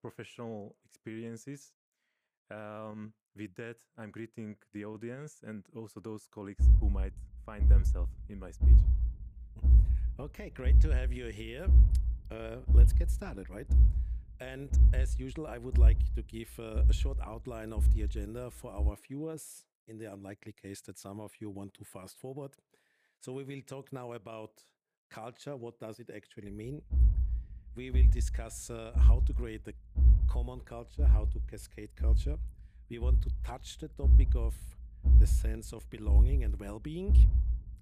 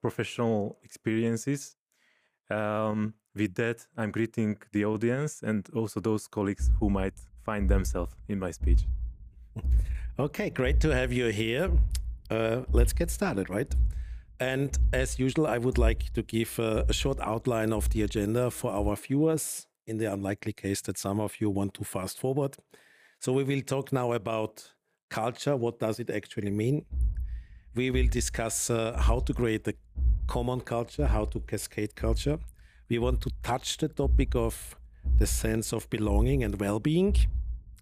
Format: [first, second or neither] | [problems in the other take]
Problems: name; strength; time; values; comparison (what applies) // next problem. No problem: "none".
second | low rumble; loud; from 6.5 to 19 s and from 26 s on; 2 dB below the speech; faint in the second